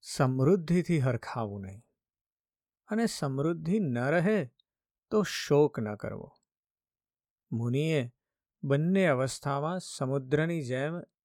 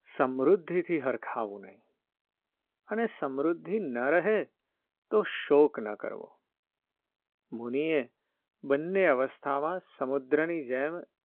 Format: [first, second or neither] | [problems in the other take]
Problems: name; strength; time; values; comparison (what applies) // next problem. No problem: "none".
first | phone-call audio